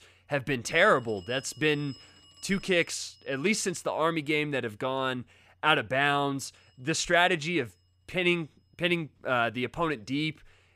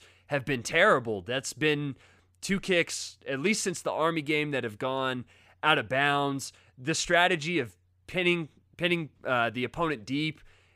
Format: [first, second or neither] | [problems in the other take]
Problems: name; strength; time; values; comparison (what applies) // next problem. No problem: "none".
second | alarms or sirens; faint; throughout; 25 dB below the speech